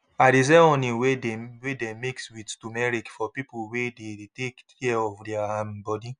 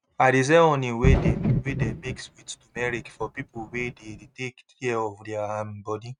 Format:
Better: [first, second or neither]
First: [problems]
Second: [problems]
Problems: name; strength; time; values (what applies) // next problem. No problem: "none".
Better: first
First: none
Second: noise reduction (neural mask model RNNoise)